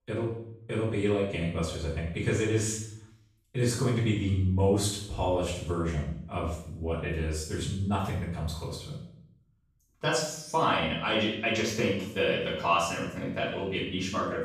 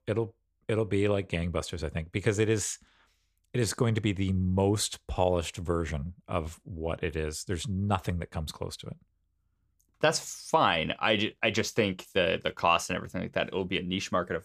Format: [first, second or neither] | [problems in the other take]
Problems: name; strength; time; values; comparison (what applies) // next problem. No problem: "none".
second | room echo; noticeable; dies away in 0.6 s // off-mic speech; far